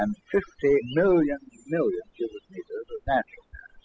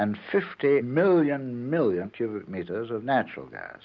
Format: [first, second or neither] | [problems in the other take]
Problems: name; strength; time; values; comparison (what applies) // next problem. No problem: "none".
second | noise reduction (classical method spectral subtraction)